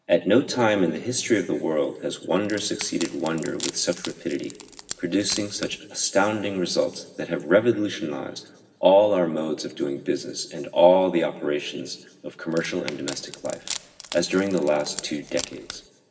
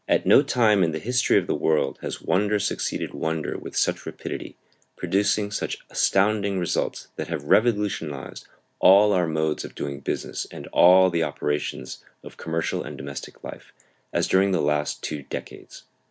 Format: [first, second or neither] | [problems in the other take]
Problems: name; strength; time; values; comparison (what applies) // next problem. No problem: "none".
second | background sound (Wood); 14 dB below the speech // room echo; dies away in 1.3 s